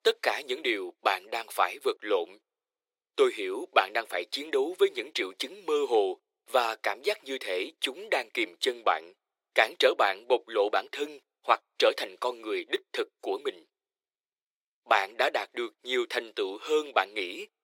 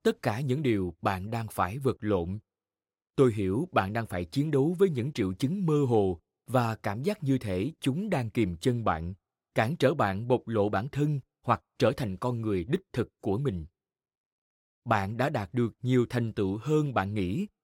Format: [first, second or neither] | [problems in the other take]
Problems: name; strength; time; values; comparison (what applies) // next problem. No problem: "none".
second | thin; very; fading below 400 Hz